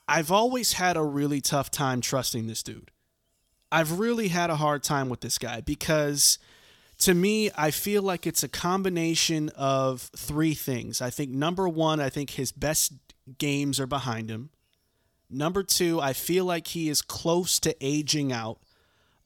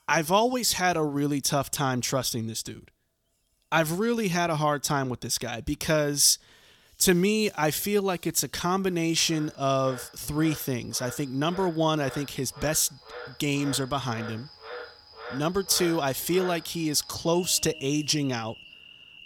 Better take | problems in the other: first | animal sounds; noticeable; from 9.5 s on; 15 dB below the speech

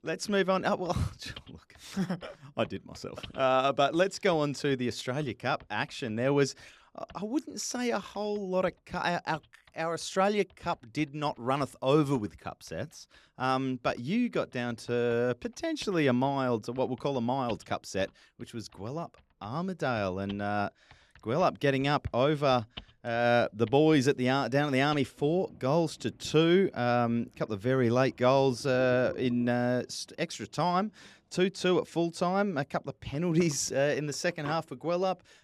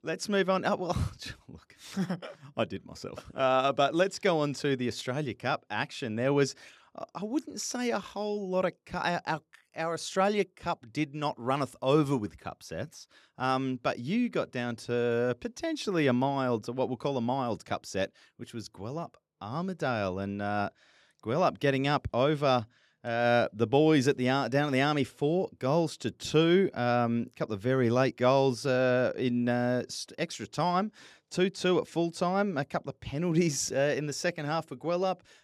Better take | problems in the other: second | household noises; faint; throughout; 25 dB below the speech

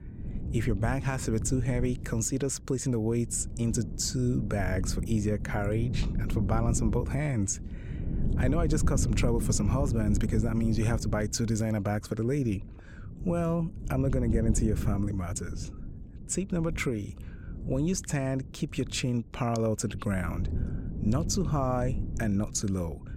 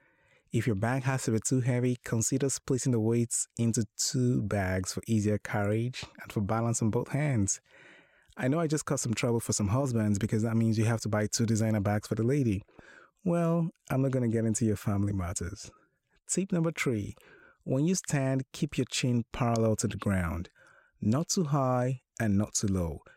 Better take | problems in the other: second | wind noise on the microphone; occasional gusts; 10 dB below the speech

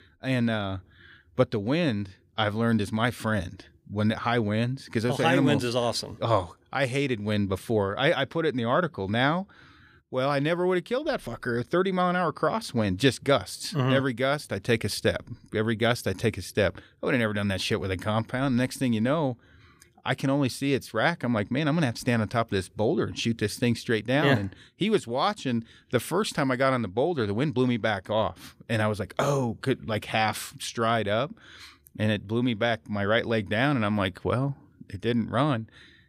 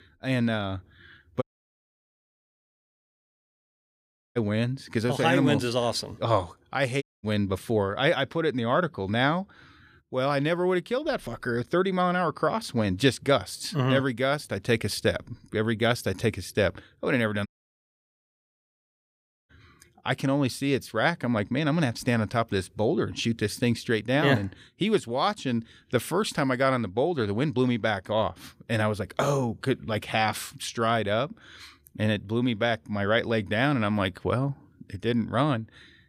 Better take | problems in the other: first | audio cutting out; at 1.5 s for 3 s, at 7 s and at 17 s for 2 s

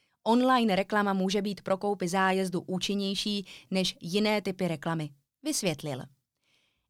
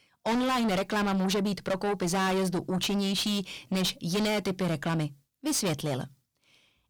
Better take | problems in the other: first | distortion; heavy; 6 dB below the speech

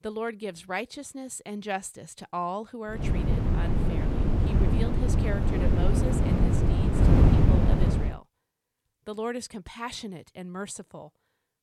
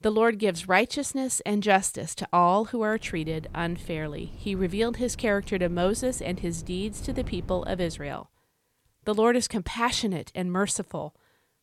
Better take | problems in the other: second | wind noise on the microphone; heavy; from 3 to 8 s; 3 dB above the speech; occasional gusts in the second

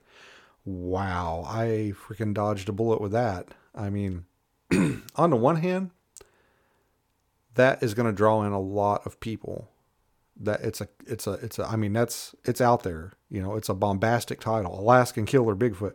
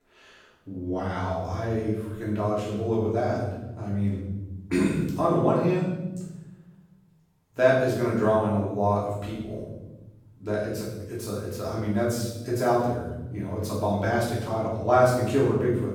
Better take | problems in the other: first | off-mic speech; far // room echo; noticeable; dies away in 1.1 s

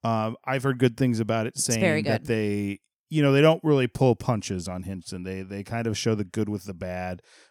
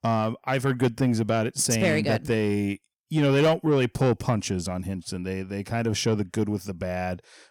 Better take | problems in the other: first | distortion; slight; 10 dB below the speech

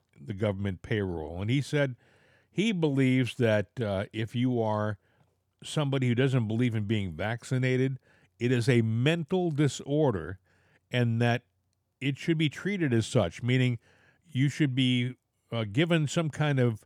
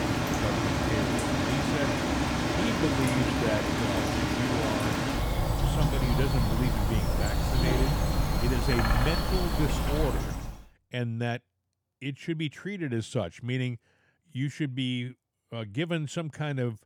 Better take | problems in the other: first | animal sounds; very loud; until 10 s; 5 dB above the speech

